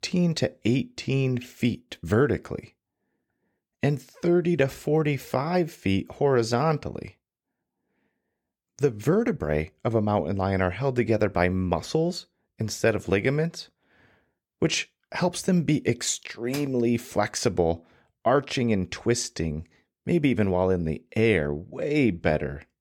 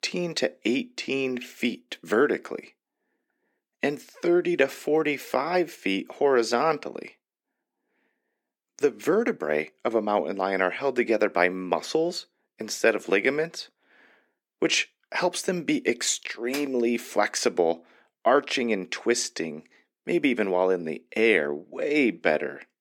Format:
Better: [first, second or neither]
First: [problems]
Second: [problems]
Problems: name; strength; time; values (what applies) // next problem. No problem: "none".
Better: first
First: none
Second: thin; very slightly; fading below 250 Hz